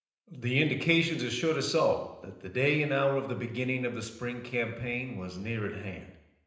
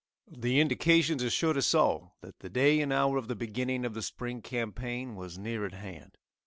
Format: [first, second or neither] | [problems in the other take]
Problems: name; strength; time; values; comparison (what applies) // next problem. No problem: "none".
second | room echo; dies away in 0.9 s